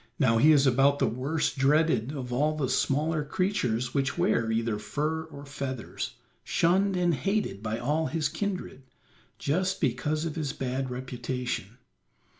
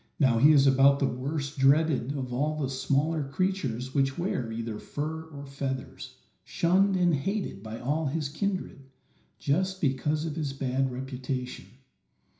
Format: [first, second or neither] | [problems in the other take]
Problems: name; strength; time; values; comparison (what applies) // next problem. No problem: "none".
first | room echo; dies away in 0.5 s